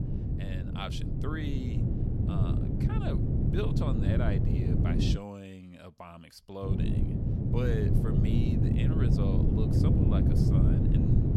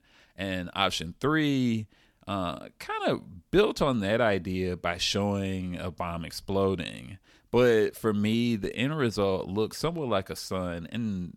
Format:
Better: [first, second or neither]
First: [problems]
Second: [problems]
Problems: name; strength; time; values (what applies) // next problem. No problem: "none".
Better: second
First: wind noise on the microphone; heavy; until 5 s and from 6.5 s on; 3 dB above the speech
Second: none